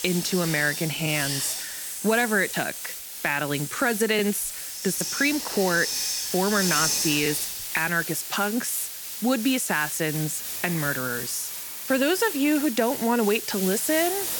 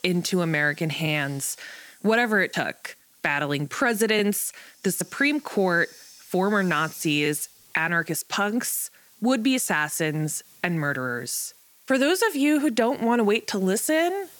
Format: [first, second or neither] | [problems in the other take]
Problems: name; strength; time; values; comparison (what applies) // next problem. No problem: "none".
second | hiss; loud; throughout; 4 dB below the speech; faint in the second